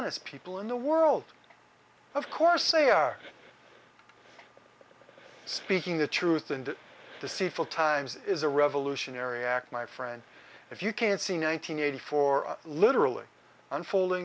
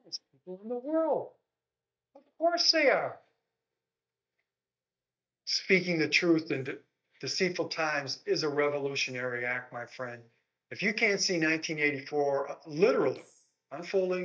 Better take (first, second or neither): first